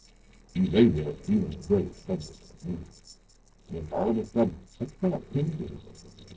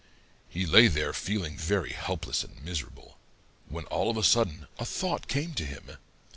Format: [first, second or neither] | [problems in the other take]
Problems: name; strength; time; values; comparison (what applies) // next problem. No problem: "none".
second | noise reduction (neural separator model SepFormer DNS4)